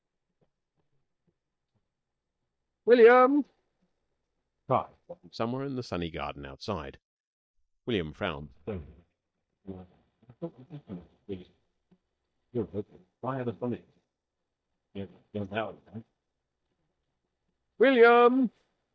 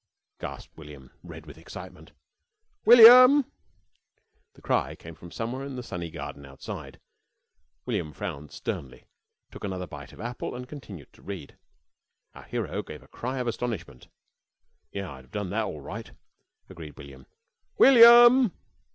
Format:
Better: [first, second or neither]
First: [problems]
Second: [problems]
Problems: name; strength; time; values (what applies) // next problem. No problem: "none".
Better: second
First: noise reduction (neural mask model DeepFilterNet 3)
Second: none